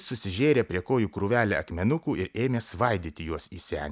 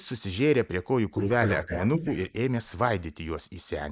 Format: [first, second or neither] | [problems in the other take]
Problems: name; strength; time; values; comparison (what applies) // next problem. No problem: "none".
first | noise reduction (neural mask model Resemble Enhance denoiser)